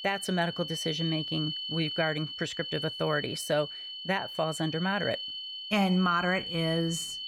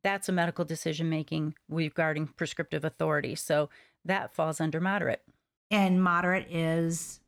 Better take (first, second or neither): second